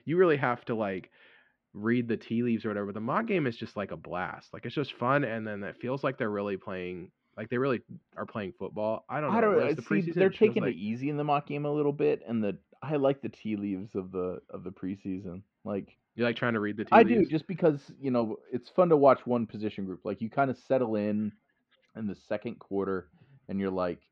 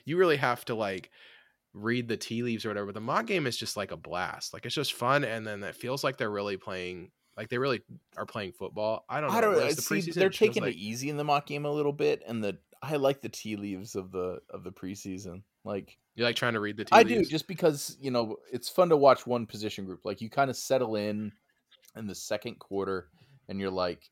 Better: second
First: muffled; very; fading above 2.5 kHz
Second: none

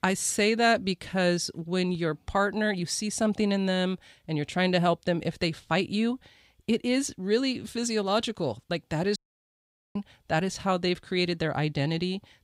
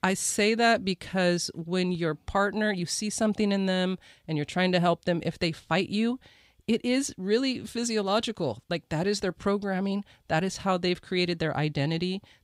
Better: second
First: audio cutting out; at 9 s for 1 s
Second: none

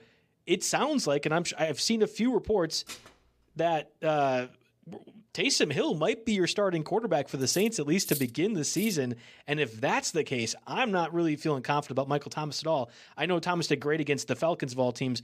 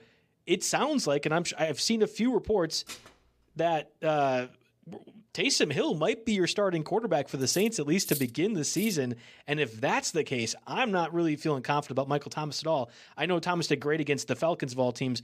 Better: neither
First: clattering dishes; faint; at 3 s; peak 15 dB below the speech // clattering dishes; noticeable; from 7.5 to 9 s; peak 7 dB below the speech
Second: clattering dishes; faint; at 3 s; peak 15 dB below the speech // clattering dishes; noticeable; from 7.5 to 9 s; peak 7 dB below the speech

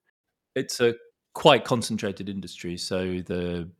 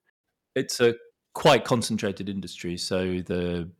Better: first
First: none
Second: distortion; slight; 0.7% of the sound clipped

